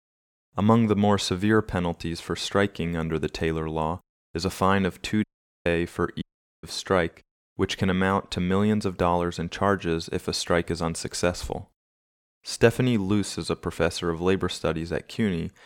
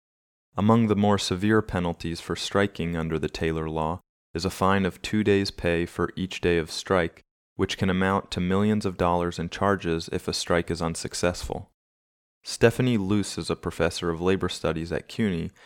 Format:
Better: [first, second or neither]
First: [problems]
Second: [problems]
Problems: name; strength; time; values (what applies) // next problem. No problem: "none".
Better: second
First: audio cutting out; at 5 s and at 6 s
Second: none